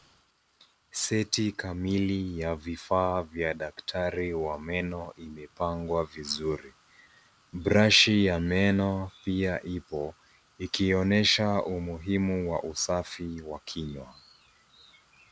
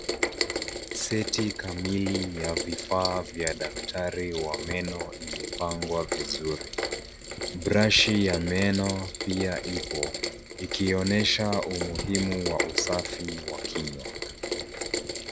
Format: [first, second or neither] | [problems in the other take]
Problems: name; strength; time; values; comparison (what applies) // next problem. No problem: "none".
first | background sound (Rain); 4 dB below the speech